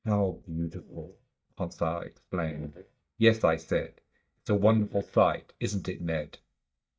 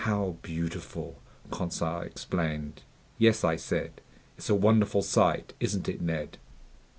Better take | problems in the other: second | noise reduction (neural mask model DeepFilterNet 3)

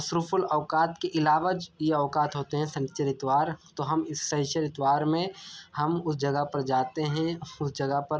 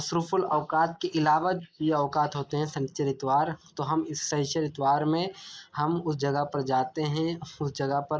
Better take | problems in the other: first | noise reduction (neural mask model Resemble Enhance denoiser)

